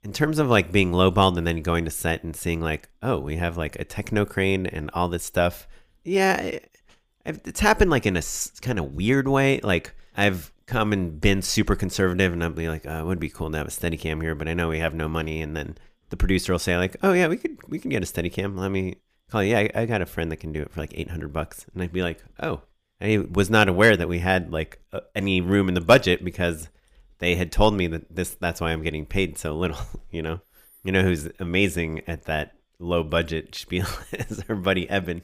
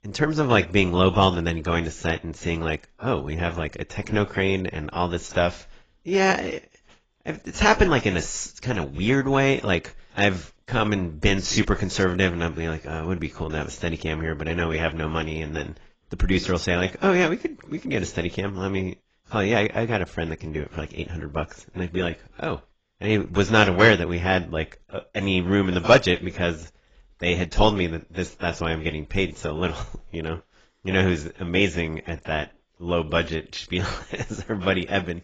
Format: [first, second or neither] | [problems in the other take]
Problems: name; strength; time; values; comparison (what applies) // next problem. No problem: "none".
first | garbled, watery; badly; nothing above 7.5 kHz